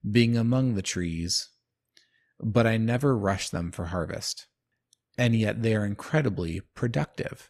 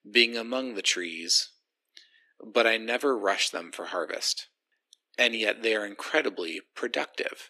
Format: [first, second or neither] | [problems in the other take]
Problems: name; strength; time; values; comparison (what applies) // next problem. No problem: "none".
first | thin; very; fading below 300 Hz